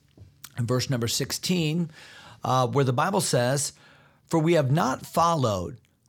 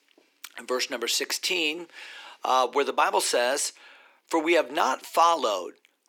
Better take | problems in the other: first | thin; very; fading below 300 Hz

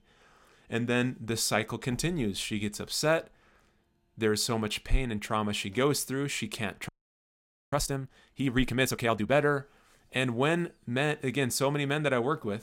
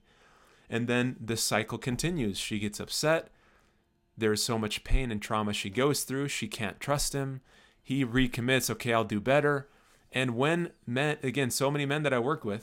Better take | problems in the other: second | audio freezing; at 7 s for 1 s

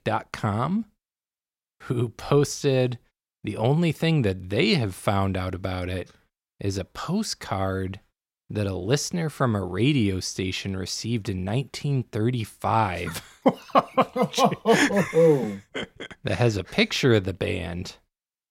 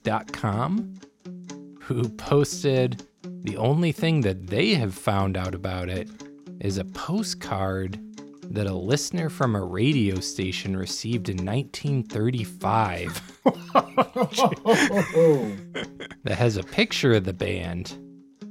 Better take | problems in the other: first | background music; noticeable; throughout; 15 dB below the speech

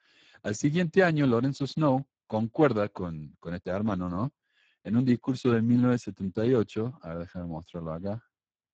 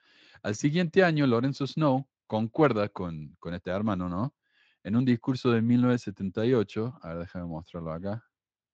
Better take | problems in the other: second | garbled, watery; badly; nothing above 7.5 kHz; slightly in the second

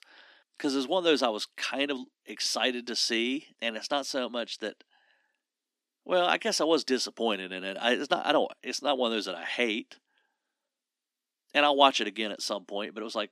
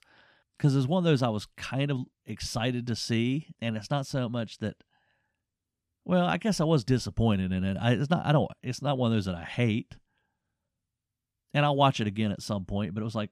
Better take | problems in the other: second | thin; somewhat; fading below 250 Hz

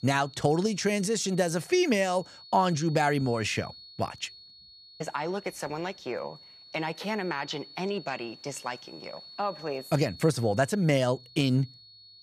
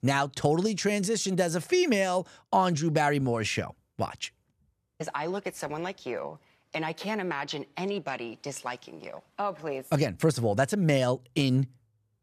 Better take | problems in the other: second | high-pitched whine; noticeable; throughout; 4.5 kHz, 20 dB below the speech

